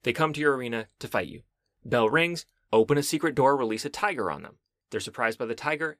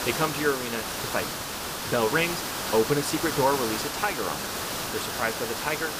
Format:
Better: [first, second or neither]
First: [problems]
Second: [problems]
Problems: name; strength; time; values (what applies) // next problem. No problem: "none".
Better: first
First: none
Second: hiss; loud; throughout; 2 dB below the speech